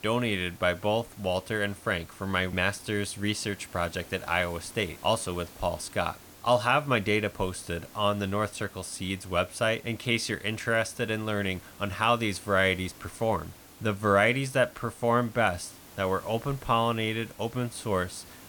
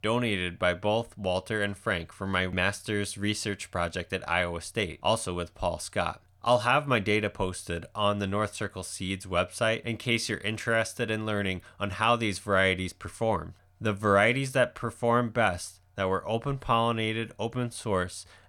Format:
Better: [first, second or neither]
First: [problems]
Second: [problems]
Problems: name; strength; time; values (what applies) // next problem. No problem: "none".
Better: second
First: hiss; faint; throughout; 20 dB below the speech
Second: none